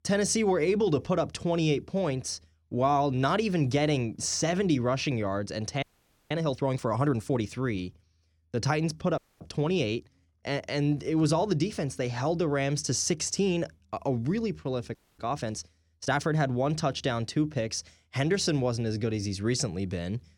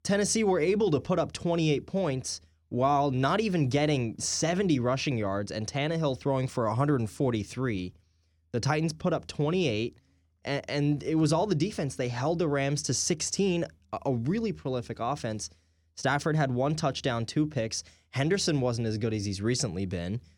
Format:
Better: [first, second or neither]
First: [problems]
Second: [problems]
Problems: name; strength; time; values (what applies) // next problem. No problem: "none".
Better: second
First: audio freezing; at 6 s, at 9 s and at 15 s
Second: none